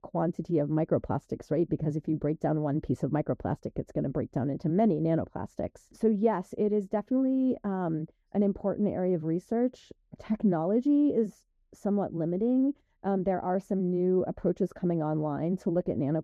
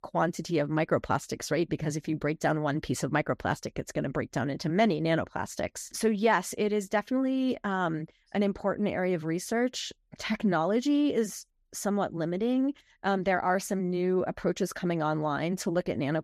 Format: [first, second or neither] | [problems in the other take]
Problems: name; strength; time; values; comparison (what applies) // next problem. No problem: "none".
second | muffled; very; fading above 1 kHz